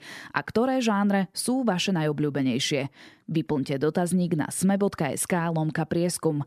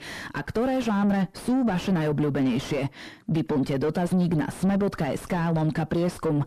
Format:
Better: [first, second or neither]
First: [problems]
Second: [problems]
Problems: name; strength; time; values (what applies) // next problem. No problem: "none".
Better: first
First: none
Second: distortion; heavy; 6 dB below the speech